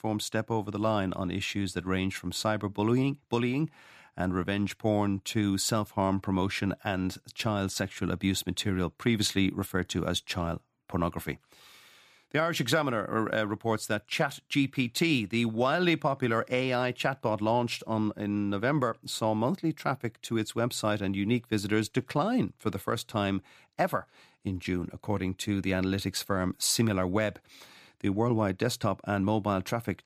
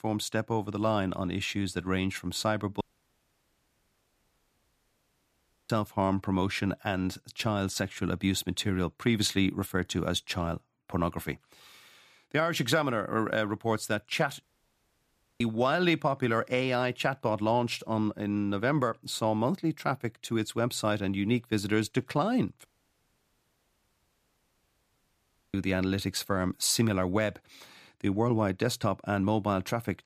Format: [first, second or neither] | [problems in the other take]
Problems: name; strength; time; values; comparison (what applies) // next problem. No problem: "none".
first | audio cutting out; at 3 s for 3 s, at 14 s for 1 s and at 23 s for 3 s